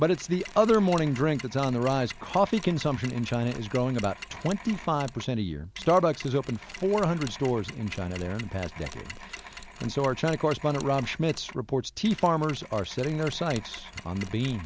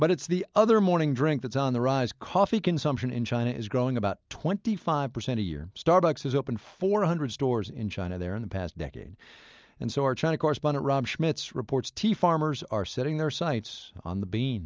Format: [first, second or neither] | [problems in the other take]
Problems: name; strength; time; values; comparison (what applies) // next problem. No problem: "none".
second | background sound (Mechanisms); 15 dB below the speech